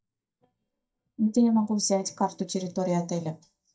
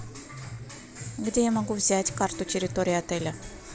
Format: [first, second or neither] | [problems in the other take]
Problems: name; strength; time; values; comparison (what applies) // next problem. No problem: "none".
second | noise reduction (neural mask model DeepFilterNet 3)